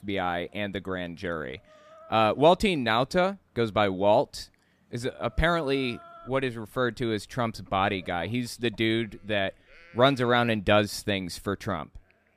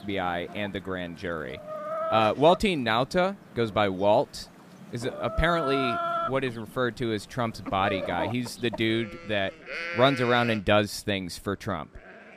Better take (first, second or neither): first